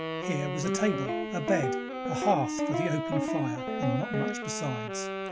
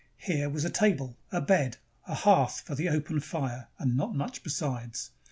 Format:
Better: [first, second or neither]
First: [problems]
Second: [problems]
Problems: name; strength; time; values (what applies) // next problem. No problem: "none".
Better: second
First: background sound (Wind instrument, woodwind instrument + Guitar); as loud as the speech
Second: none